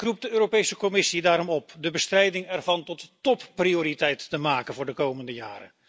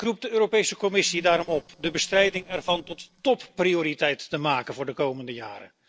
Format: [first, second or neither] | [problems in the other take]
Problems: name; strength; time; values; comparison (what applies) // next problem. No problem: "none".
first | noise reduction (neural separator model SepFormer DNS4)